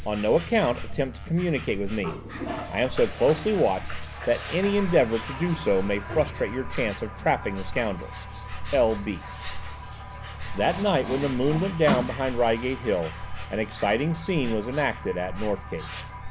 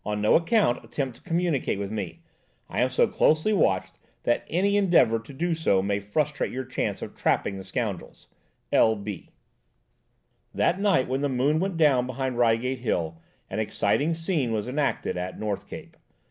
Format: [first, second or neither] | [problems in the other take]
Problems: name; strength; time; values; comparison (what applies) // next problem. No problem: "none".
second | background sound (Insect + Water tap, faucet); 7 dB below the speech